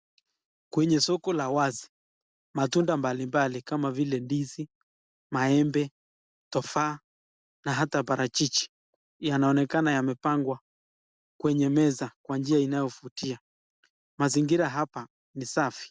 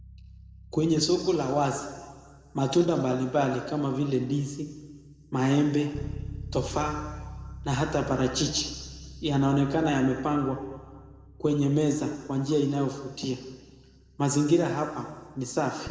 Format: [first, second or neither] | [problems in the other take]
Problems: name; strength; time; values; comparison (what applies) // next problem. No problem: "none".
first | background sound (Bass guitar); 17 dB below the speech // room echo; dies away in 1.6 s